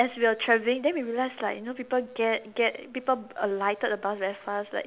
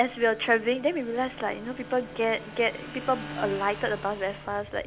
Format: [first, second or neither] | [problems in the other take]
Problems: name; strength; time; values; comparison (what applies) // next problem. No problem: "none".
first | background sound (Bowed string instrument + Motorcycle / Engine); 14 dB below the speech